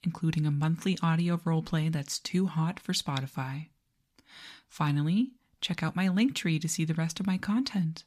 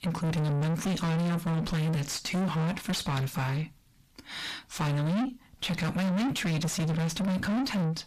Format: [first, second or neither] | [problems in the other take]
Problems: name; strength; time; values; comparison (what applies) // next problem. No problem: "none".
first | distortion; heavy; 4 dB below the speech